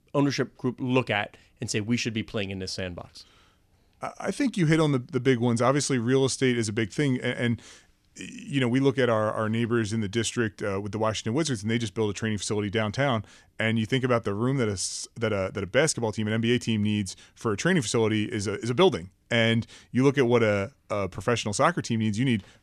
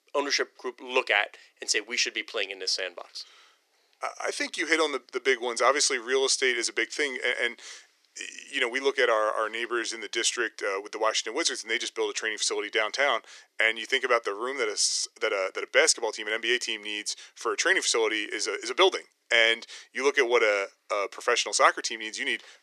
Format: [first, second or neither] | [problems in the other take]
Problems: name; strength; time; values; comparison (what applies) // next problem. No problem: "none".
first | thin; very; fading below 350 Hz